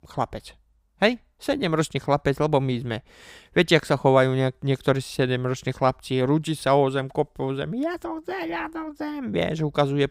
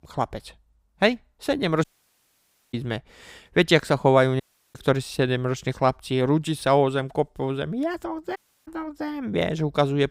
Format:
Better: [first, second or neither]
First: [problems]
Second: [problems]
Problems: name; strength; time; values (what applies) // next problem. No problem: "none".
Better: first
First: none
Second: audio cutting out; at 2 s for 1 s, at 4.5 s and at 8.5 s